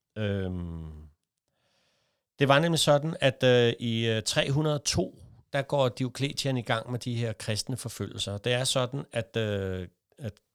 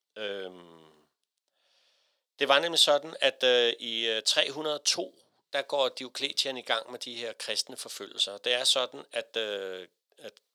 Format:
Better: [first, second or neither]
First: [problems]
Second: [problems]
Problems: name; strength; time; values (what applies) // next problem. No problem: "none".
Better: first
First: none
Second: thin; very; fading below 400 Hz